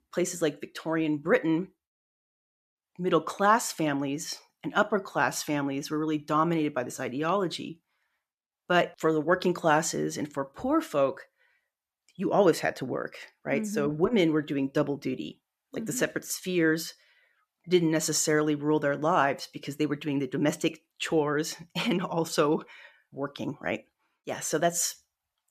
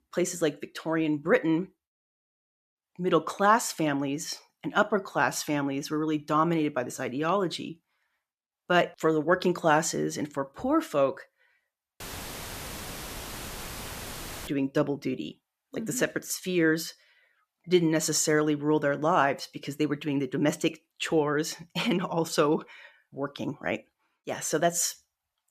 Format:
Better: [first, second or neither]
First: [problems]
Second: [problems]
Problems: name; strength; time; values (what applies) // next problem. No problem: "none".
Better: first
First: none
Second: audio cutting out; filled with static; at 12 s for 2.5 s